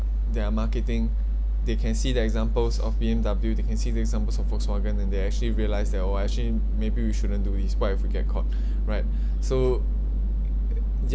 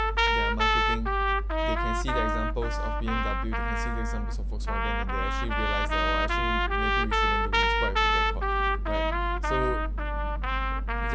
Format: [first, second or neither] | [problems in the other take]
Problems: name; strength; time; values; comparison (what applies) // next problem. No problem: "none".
first | background sound (Trumpet); as loud as the speech